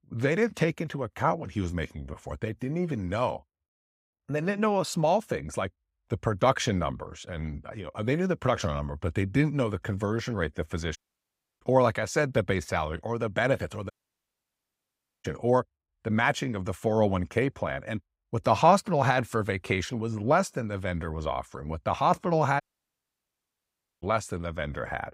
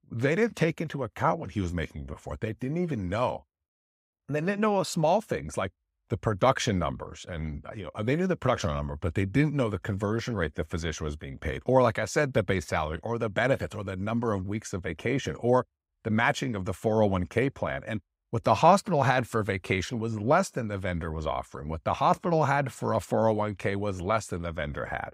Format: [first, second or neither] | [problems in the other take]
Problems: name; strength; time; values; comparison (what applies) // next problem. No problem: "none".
second | audio cutting out; at 11 s for 0.5 s, at 14 s for 1.5 s and at 23 s for 1.5 s